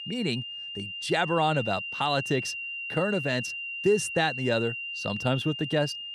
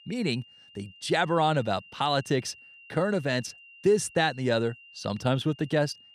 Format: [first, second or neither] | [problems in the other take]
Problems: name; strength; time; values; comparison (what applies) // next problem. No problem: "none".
second | high-pitched whine; loud; throughout; 3 kHz, 5 dB below the speech; faint in the second